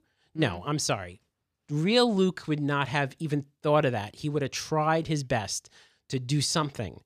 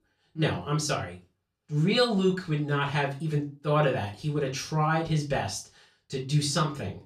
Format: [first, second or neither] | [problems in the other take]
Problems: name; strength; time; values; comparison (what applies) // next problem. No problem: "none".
first | off-mic speech; far // room echo; very slight; dies away in 0.2 s